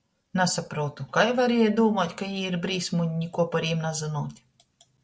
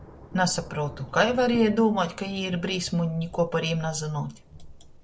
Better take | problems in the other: first | background sound (Thunder / Rain); 17 dB below the speech

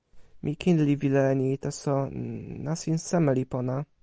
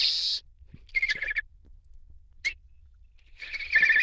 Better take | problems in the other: first | noise reduction (neural diffusion model UNIVERSE++)

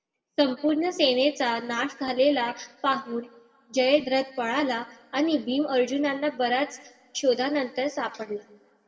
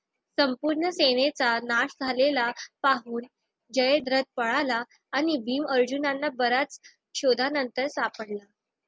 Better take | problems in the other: second | room echo; dies away in 1 s

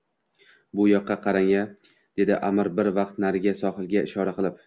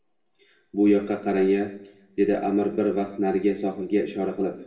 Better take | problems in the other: first | room echo; dies away in 0.7 s

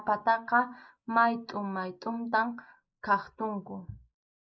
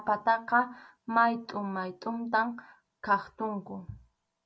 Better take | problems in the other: second | noise reduction (neural mask model Resemble Enhance denoiser)

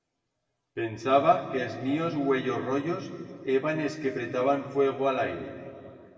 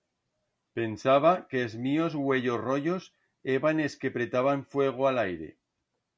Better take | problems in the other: second | room echo; dies away in 2 s

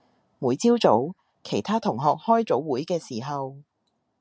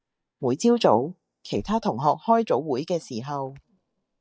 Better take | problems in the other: first | noise reduction (neural mask model DeepFilterNet 3)

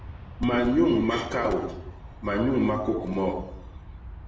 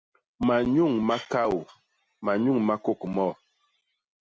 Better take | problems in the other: second | background sound (Aircraft); 14 dB below the speech // room echo; dies away in 0.8 s

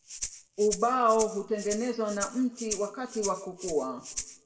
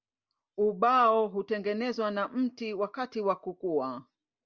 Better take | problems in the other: second | background sound (Rattle (instrument)); 10 dB below the speech // room echo; dies away in 0.6 s

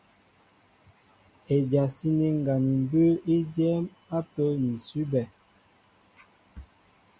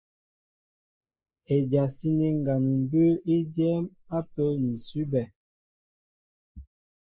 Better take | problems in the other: first | noise reduction (neural mask model Resemble Enhance denoiser)

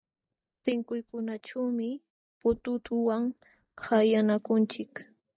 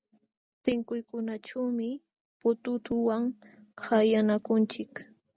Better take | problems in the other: second | noise reduction (neural mask model DeepFilterNet 3)

